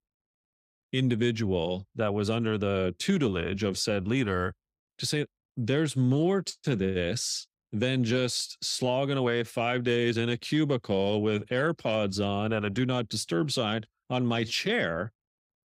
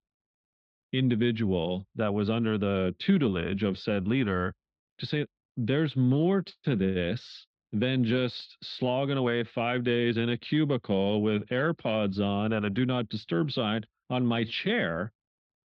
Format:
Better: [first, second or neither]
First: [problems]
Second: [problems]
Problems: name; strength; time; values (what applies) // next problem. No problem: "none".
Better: first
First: none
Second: muffled; slightly; fading above 3.5 kHz